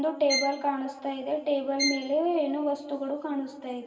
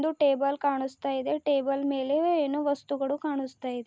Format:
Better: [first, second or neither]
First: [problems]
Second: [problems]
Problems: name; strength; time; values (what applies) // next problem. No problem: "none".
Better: second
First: background sound (Bowed string instrument); 7 dB below the speech // room echo; dies away in 2.2 s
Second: none